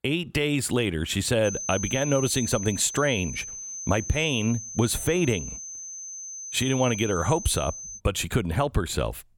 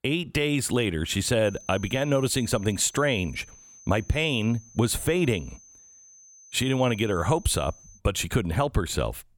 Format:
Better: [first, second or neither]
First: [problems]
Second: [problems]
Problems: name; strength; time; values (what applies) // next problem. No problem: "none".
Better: second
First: high-pitched whine; loud; from 1.5 to 8 s; 6 kHz, 8 dB below the speech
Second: high-pitched whine; faint; from 1.5 to 8 s; 6 kHz, 20 dB below the speech